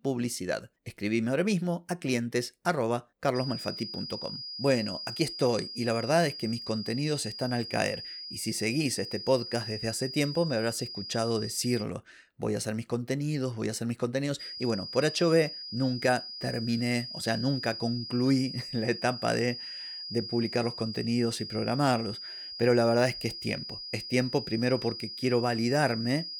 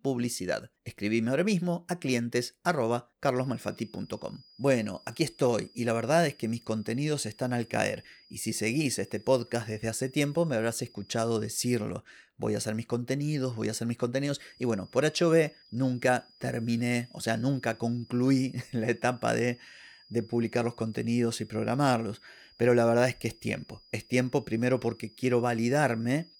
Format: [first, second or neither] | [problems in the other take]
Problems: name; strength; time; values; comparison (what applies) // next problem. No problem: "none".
second | high-pitched whine; loud; from 3.5 to 12 s and from 14 s on; 5 kHz, 8 dB below the speech; faint in the second